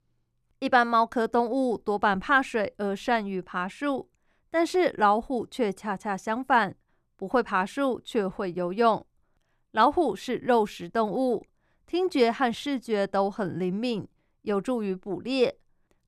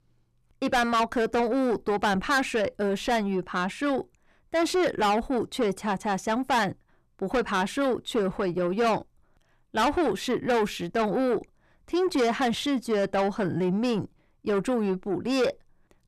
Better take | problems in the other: first | distortion; heavy; 7 dB below the speech

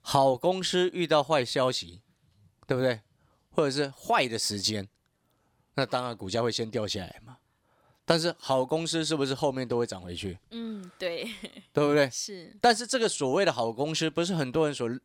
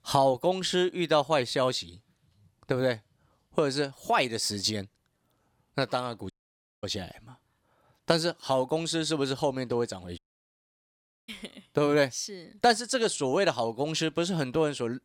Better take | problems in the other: first | audio cutting out; at 6.5 s for 0.5 s and at 10 s for 1 s

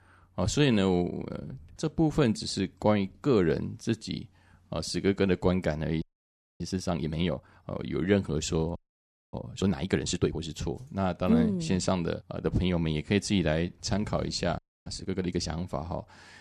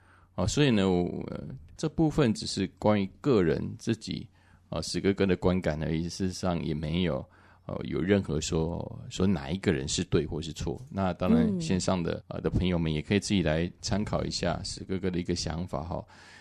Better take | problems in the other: second | audio freezing; at 6 s for 0.5 s, at 9 s for 0.5 s and at 15 s

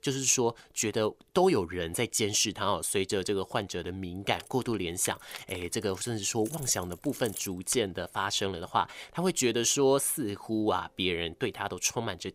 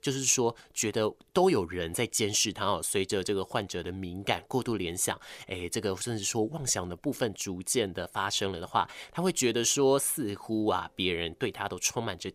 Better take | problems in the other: second | jangling keys; noticeable; from 4.5 to 8 s; peak 10 dB below the speech

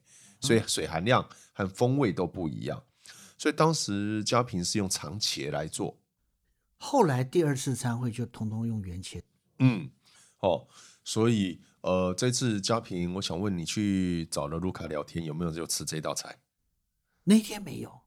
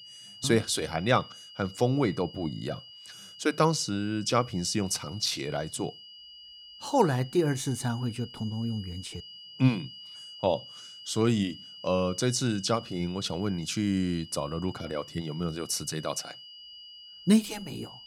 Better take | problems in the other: first | high-pitched whine; noticeable; throughout; 3 kHz, 15 dB below the speech

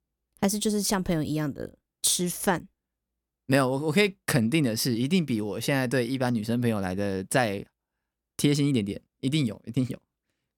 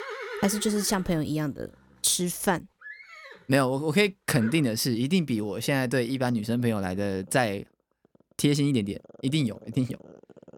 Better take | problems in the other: first | animal sounds; noticeable; throughout; 20 dB below the speech

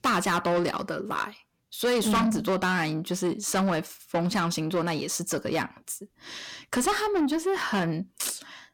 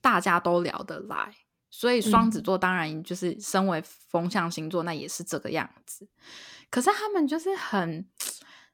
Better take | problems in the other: second | distortion; heavy; 7 dB below the speech

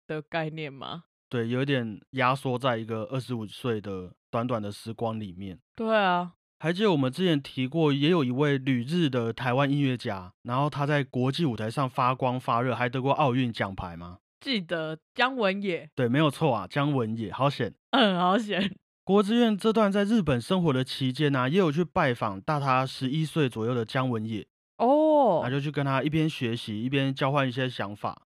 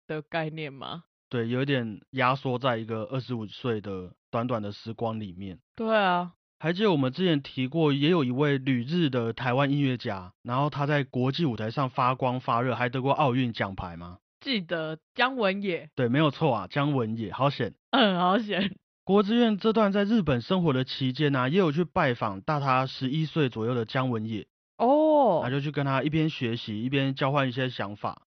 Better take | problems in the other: first | garbled, watery; slightly

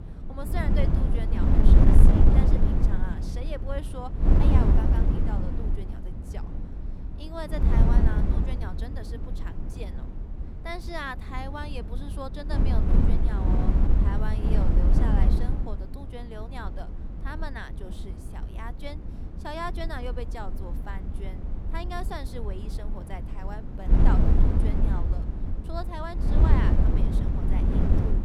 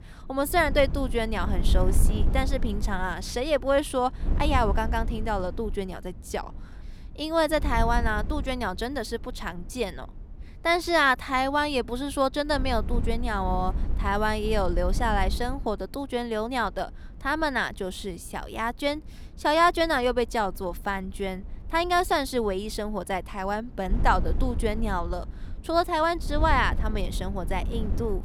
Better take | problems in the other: second | wind noise on the microphone; heavy; 2 dB above the speech; occasional gusts in the second

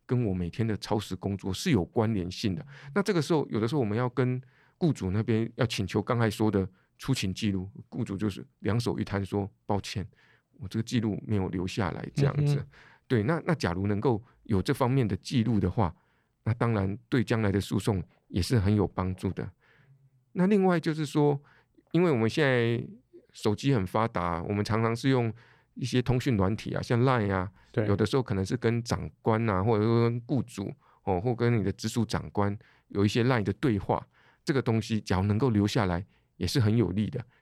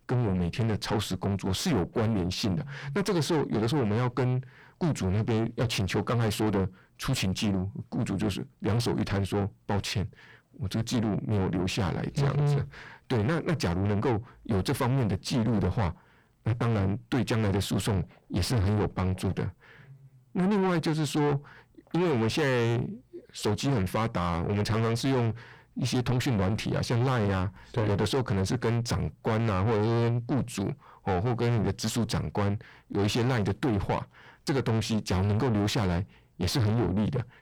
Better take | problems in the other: first | distortion; heavy; 6 dB below the speech

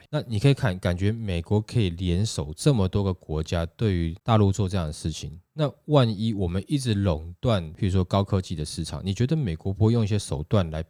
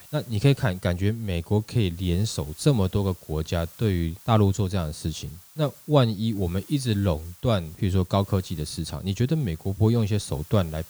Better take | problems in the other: first | hiss; faint; throughout; 20 dB below the speech

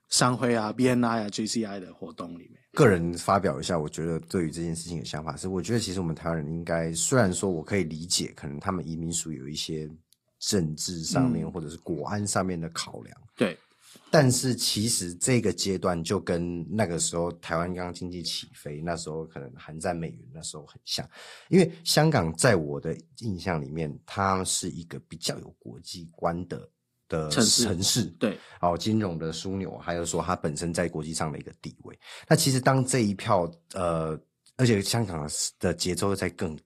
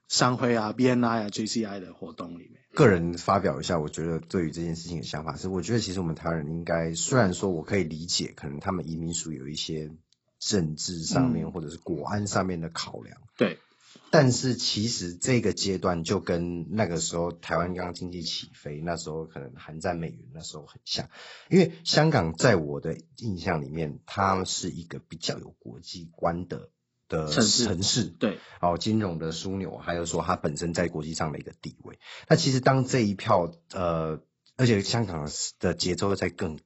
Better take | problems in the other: first | garbled, watery; badly; nothing above 8 kHz; slightly in the first

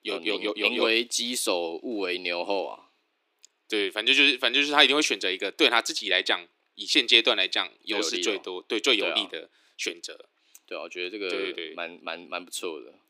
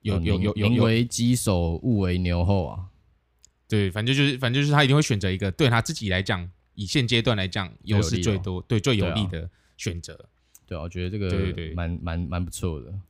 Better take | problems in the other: second | thin; very; fading below 300 Hz

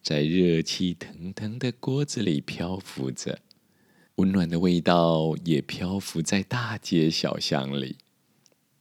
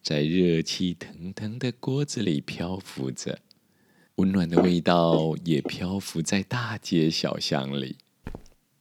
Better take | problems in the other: first | footsteps; loud; from 4.5 to 5.5 s; peak 1 dB above the speech // footsteps; faint; at 8.5 s; peak 15 dB below the speech

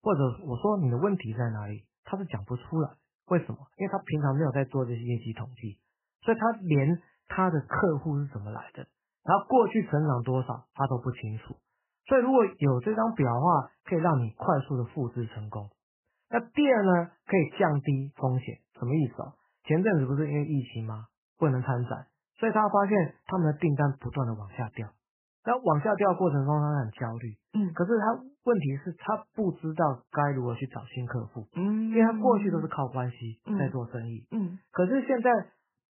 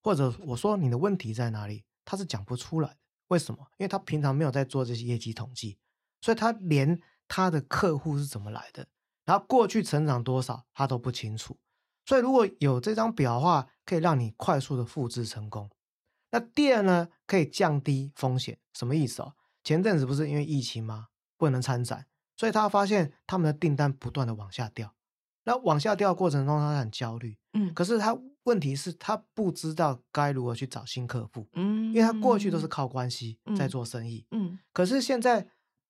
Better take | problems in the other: second | garbled, watery; badly; nothing above 3 kHz

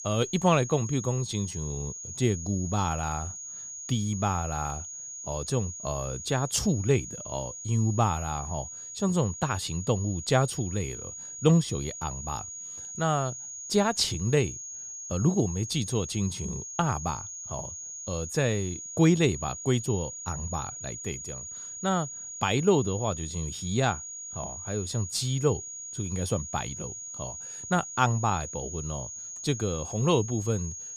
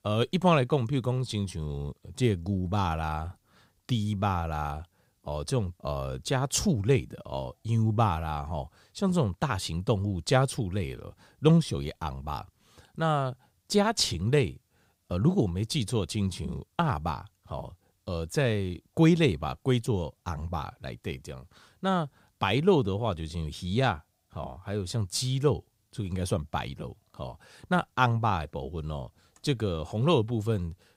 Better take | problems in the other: second | high-pitched whine; loud; throughout; 6.5 kHz, 8 dB below the speech

